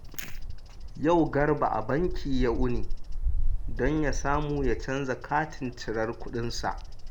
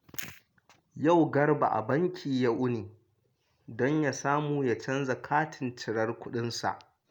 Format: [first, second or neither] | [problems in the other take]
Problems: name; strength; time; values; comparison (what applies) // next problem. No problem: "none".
second | background sound (Bird vocalization, bird call, bird song); as loud as the speech